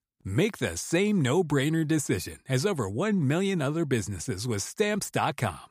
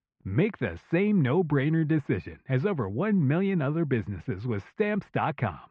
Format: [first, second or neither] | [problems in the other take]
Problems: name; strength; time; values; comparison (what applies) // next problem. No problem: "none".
first | muffled; very; fading above 2.5 kHz